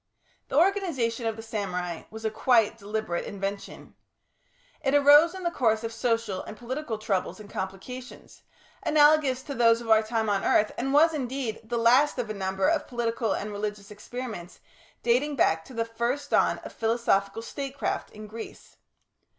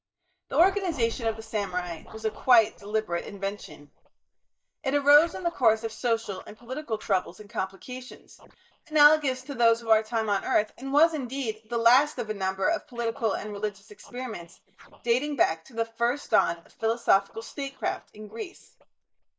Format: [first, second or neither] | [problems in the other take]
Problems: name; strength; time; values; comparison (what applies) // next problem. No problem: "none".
first | noise reduction (neural mask model DeepFilterNet 3)